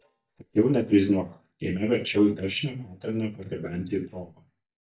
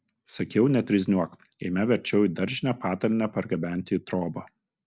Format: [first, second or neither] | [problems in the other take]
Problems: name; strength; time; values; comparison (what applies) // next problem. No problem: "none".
second | noise reduction (neural mask model DeepFilterNet 3)